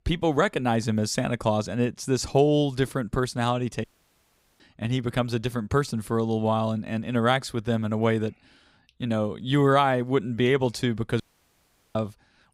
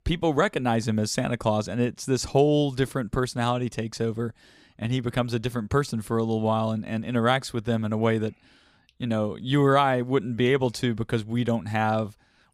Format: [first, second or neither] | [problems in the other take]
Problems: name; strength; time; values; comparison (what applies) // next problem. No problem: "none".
second | audio cutting out; at 4 s for 1 s and at 11 s for 1 s